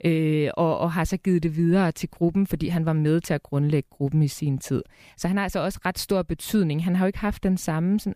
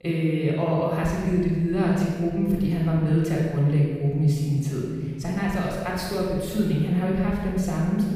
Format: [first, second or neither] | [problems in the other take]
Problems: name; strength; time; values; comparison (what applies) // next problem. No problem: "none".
first | off-mic speech; far // room echo; strong; dies away in 1.6 s